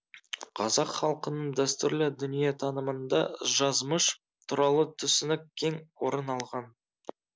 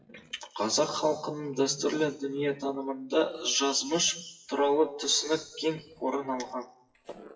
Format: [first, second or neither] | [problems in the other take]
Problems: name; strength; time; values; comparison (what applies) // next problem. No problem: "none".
first | noise reduction (classical method WPE with log-MMSE)